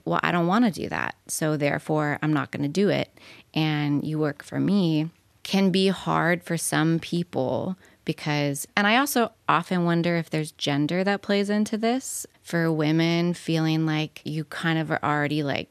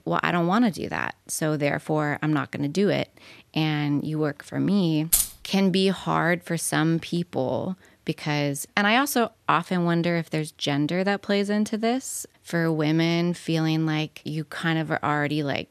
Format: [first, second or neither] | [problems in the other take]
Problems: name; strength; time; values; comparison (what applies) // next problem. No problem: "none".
first | jangling keys; loud; at 5 s; peak 3 dB above the speech